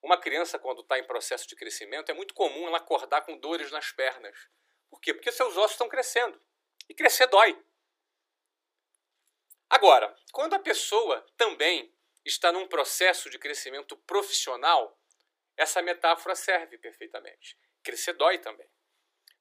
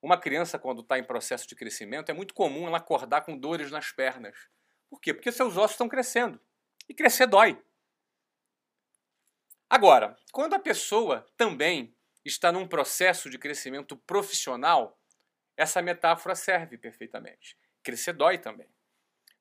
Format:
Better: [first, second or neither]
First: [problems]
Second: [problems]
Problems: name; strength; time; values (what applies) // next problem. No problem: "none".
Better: second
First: thin; very; fading below 300 Hz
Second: none